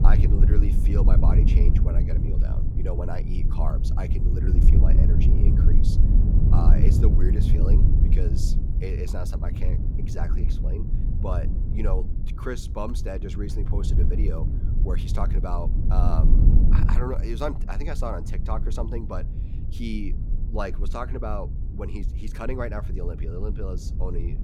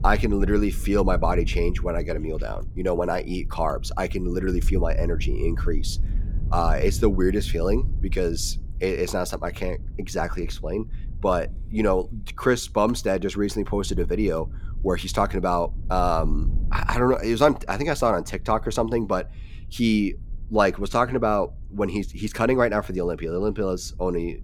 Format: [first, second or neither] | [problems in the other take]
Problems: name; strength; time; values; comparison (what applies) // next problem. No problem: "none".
second | low rumble; loud; throughout; 3 dB below the speech; faint in the second